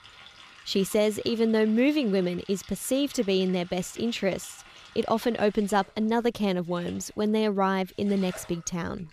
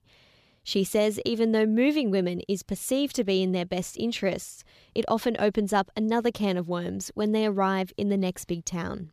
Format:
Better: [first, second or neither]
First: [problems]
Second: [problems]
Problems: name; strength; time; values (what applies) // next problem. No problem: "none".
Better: second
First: household noises; faint; throughout; 20 dB below the speech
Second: none